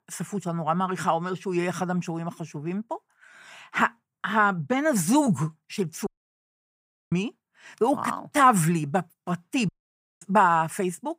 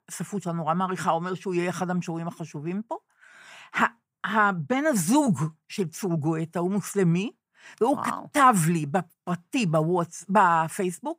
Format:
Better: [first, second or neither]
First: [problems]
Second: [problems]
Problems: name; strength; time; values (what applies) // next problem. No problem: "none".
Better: second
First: audio cutting out; at 6 s for 1 s and at 9.5 s for 0.5 s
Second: none